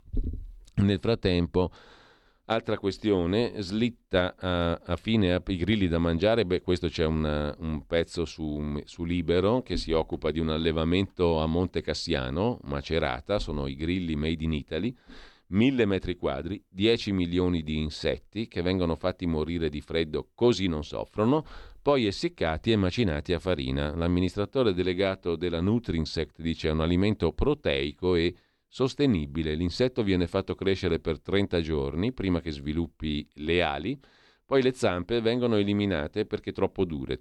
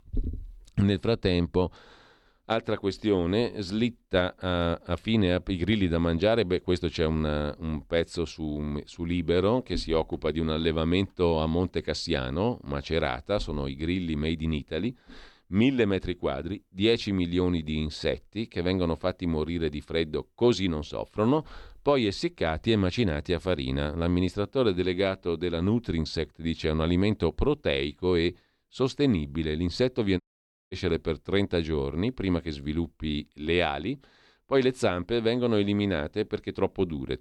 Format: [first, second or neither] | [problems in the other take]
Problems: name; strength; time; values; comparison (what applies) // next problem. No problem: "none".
first | audio cutting out; at 30 s for 0.5 s